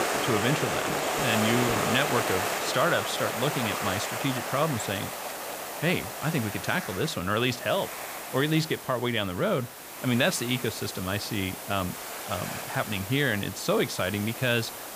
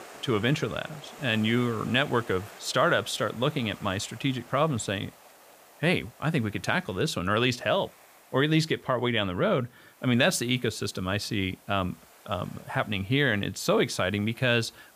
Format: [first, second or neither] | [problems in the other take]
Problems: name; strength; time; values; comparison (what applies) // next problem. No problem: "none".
second | hiss; loud; throughout; 3 dB below the speech; faint in the second